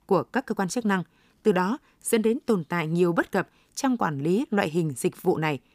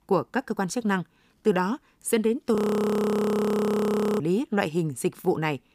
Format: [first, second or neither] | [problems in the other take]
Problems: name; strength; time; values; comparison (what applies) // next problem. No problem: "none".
first | audio freezing; at 2.5 s for 1.5 s